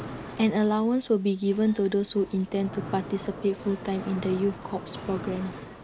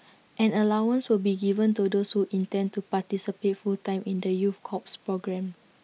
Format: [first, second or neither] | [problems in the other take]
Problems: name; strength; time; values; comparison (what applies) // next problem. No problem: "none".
second | background sound (Mechanisms); 13 dB below the speech